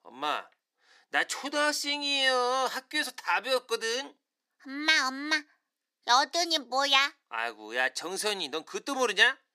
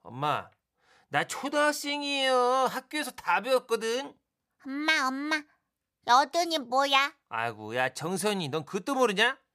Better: second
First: thin; very slightly; fading below 300 Hz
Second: none

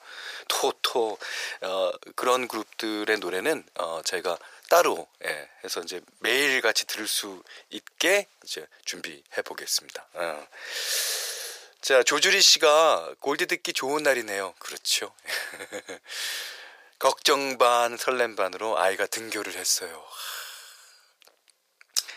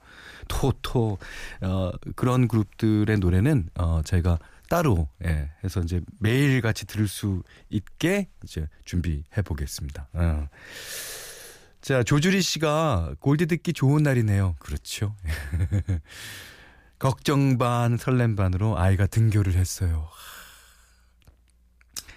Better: second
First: thin; very; fading below 500 Hz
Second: none

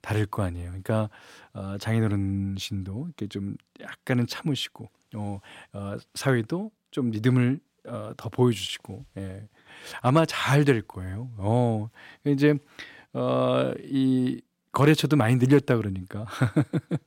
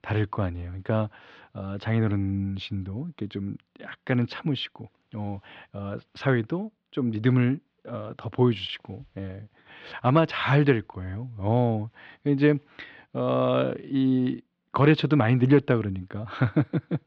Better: first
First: none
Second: muffled; slightly; fading above 3.5 kHz

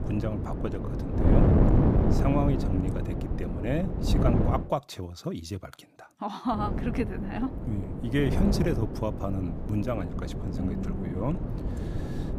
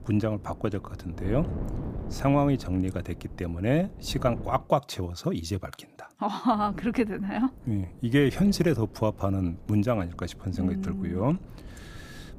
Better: second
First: wind noise on the microphone; heavy; until 4.5 s and from 6.5 s on; 1 dB below the speech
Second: wind noise on the microphone; occasional gusts; until 4.5 s and from 6.5 s on; 20 dB below the speech

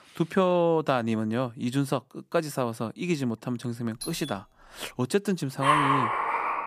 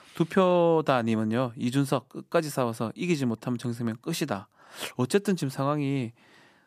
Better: second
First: doorbell; noticeable; at 4 s; peak 10 dB below the speech // dog barking; loud; from 5.5 s on; peak 6 dB above the speech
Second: none

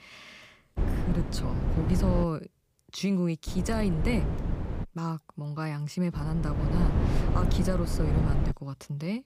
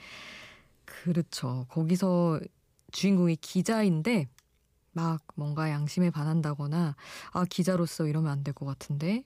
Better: second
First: wind noise on the microphone; heavy; from 1 to 2 s, from 3.5 to 5 s and from 6 to 8.5 s; 3 dB below the speech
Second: none

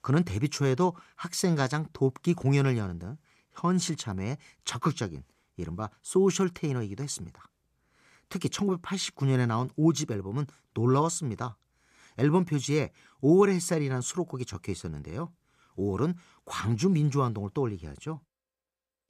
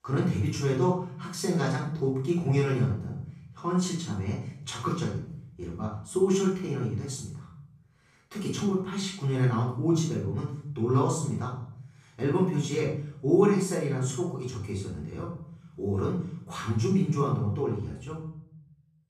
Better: first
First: none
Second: off-mic speech; far // room echo; noticeable; dies away in 0.6 s

